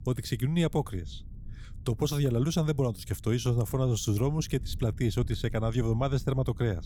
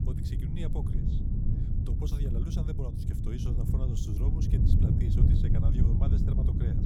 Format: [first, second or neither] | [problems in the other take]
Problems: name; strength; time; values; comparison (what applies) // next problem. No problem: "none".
first | wind noise on the microphone; heavy; 4 dB above the speech; occasional gusts in the first